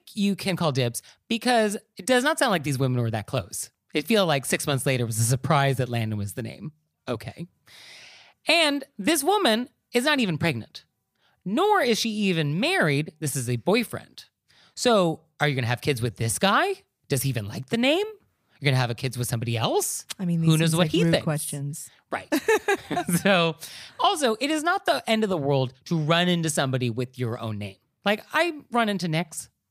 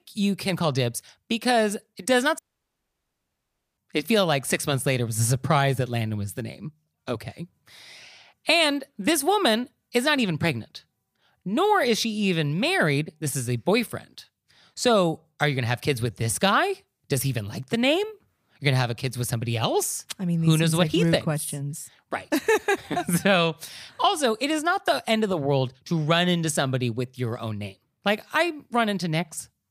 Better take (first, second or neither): first